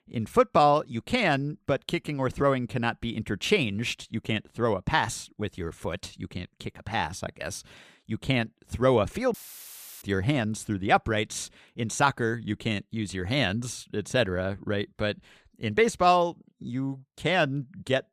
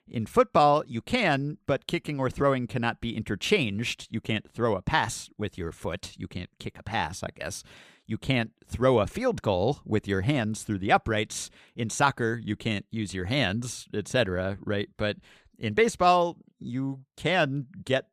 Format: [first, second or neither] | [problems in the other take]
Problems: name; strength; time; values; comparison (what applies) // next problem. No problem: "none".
second | audio cutting out; filled with static; at 9.5 s for 0.5 s